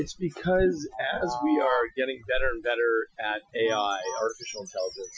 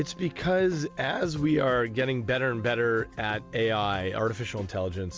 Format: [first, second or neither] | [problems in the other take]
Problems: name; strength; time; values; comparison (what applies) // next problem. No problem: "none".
second | noise reduction (classical method Wiener filter)